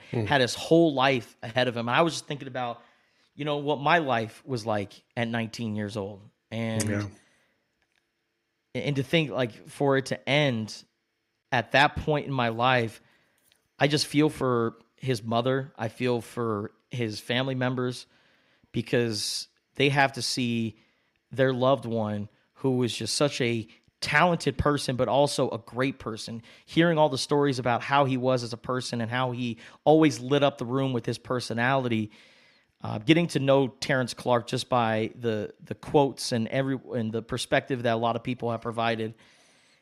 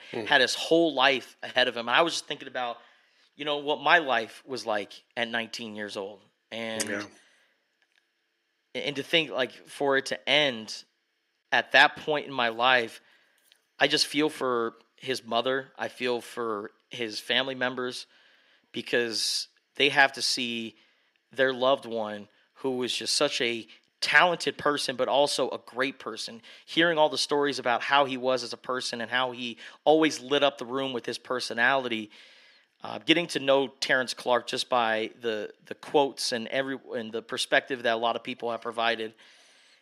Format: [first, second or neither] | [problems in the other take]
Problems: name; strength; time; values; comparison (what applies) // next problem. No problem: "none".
first | thin; somewhat; fading below 350 Hz